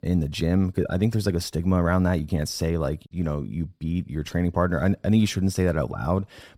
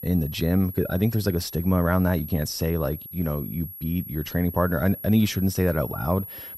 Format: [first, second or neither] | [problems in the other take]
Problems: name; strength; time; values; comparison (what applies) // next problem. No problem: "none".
first | high-pitched whine; noticeable; throughout; 11.5 kHz, 10 dB below the speech